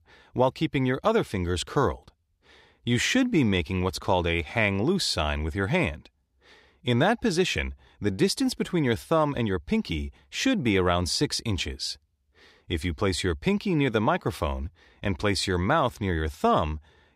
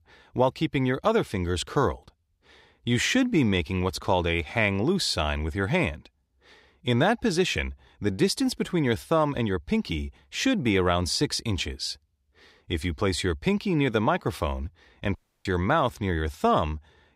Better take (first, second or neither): first